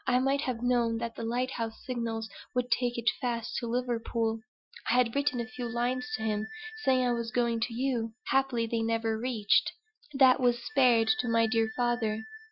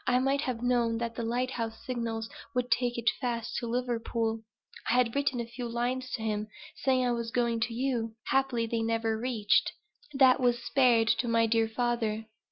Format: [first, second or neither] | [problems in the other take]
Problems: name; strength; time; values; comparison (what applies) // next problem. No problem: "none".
second | noise reduction (classical method Wiener filter)